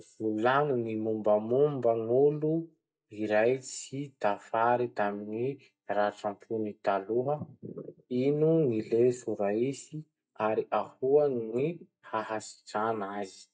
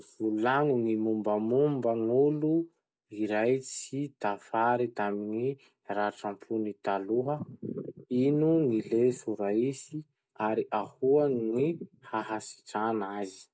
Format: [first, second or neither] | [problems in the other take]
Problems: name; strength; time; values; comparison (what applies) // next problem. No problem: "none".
second | noise reduction (neural mask model DeepFilterNet 3)